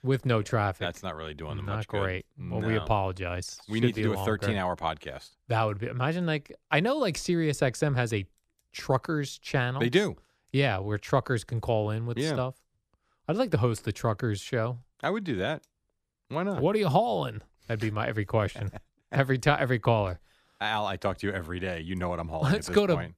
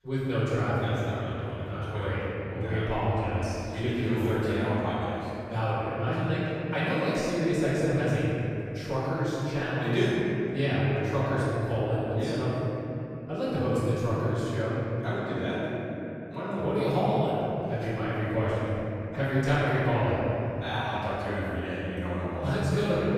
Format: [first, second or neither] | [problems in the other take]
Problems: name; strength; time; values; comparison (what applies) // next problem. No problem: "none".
first | off-mic speech; far // room echo; strong; dies away in 3 s